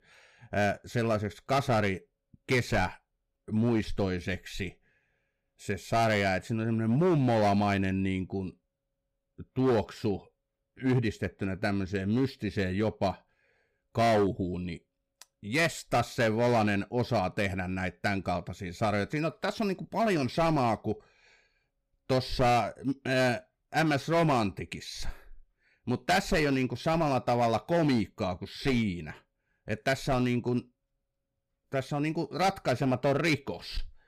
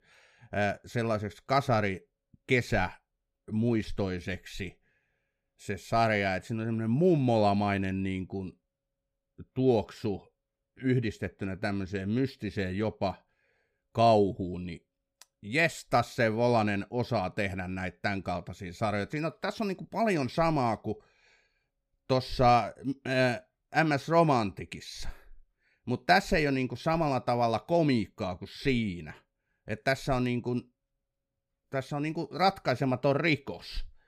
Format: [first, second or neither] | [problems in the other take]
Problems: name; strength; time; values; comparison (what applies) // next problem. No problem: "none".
second | distortion; slight; 6% of the sound clipped